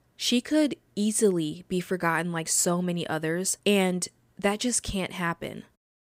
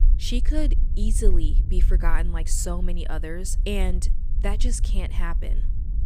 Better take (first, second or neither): first